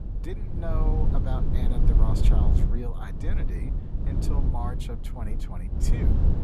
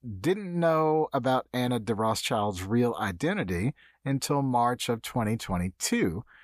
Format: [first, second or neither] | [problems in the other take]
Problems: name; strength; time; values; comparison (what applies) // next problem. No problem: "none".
second | low rumble; loud; throughout; as loud as the speech